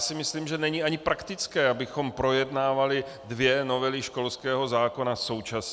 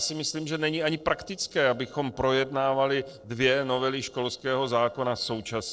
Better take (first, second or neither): first